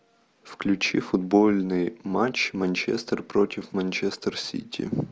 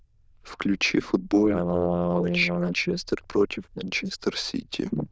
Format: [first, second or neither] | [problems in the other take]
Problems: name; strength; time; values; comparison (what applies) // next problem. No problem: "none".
first | noise reduction (neural diffusion model UNIVERSE++)